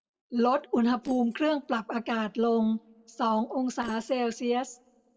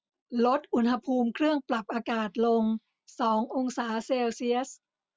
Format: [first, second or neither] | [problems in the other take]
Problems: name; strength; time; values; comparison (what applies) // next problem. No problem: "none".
second | noise reduction (neural separator model SepFormer DNS4)